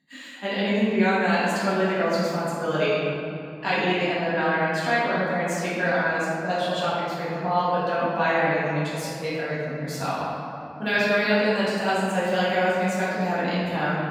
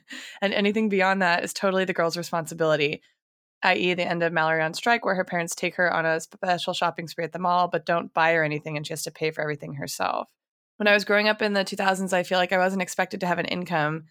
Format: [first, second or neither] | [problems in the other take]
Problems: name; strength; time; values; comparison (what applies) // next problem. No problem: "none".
second | off-mic speech; far // room echo; strong; dies away in 3 s